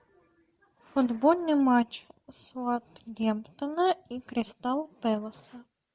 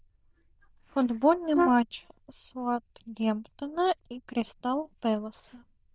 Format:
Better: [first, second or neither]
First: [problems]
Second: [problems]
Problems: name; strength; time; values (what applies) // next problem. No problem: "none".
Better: first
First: none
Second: noise reduction (neural diffusion model UNIVERSE++)